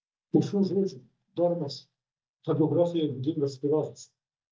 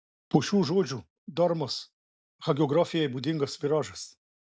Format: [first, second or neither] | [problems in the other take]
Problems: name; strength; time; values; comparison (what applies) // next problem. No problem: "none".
second | noise reduction (neural mask model DeepFilterNet 3)